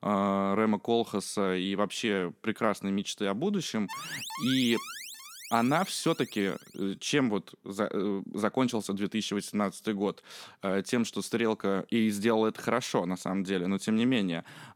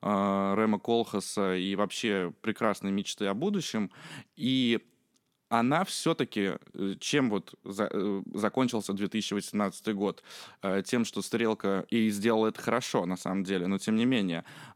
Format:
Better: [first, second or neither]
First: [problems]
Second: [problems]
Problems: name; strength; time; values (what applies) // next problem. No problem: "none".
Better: second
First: alarm; noticeable; from 4 to 7 s; peak 7 dB below the speech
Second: none